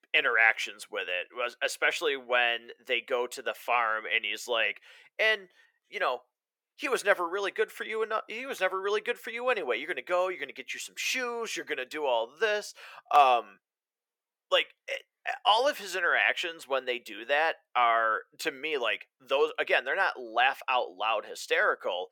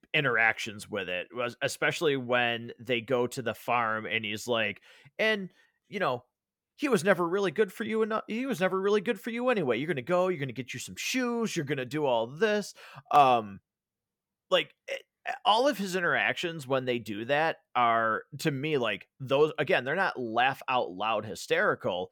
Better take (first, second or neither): second